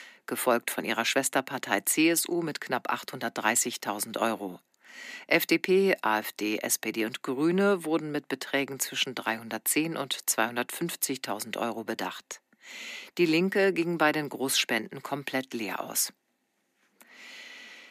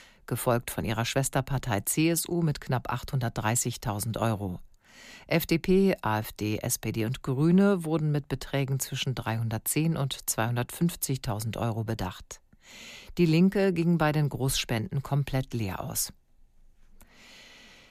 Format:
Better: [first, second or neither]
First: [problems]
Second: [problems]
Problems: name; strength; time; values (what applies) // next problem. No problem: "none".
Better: second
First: thin; somewhat; fading below 250 Hz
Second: none